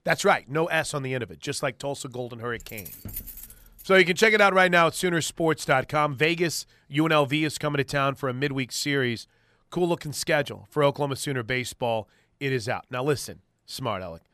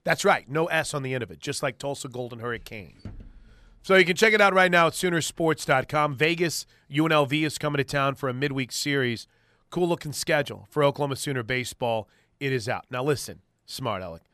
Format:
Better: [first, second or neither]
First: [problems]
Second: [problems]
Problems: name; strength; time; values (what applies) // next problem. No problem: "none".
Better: second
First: jangling keys; faint; from 2.5 to 4 s; peak 10 dB below the speech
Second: none